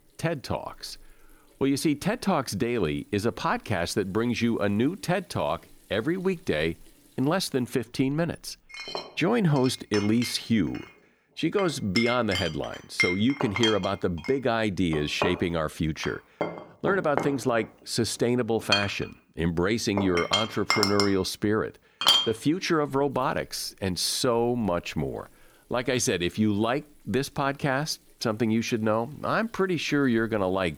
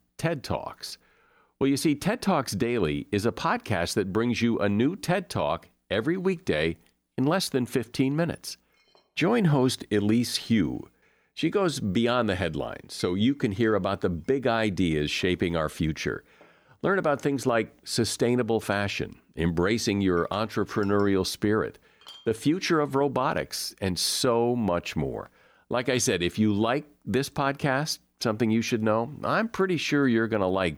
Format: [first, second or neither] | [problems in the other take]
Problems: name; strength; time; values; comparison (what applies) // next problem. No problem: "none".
second | household noises; loud; throughout; 2 dB below the speech; faint in the second